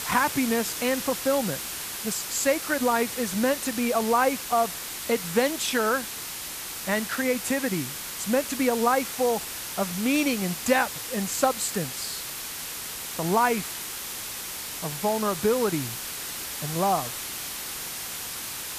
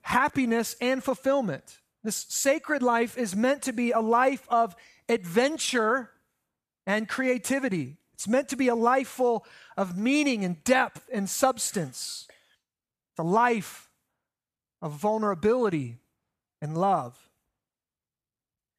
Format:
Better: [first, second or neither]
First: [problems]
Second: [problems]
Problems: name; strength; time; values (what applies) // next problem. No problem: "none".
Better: second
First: hiss; loud; throughout; 6 dB below the speech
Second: none